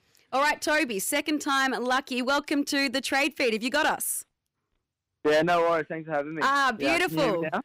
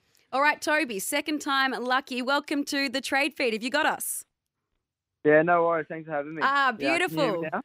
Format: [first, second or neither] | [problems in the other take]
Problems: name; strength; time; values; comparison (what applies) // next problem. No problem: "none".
second | distortion; slight; 7% of the sound clipped